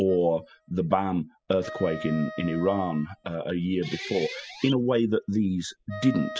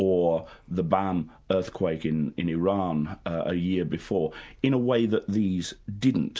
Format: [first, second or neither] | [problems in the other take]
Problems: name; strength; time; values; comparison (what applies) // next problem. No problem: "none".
second | noise reduction (classical method spectral subtraction)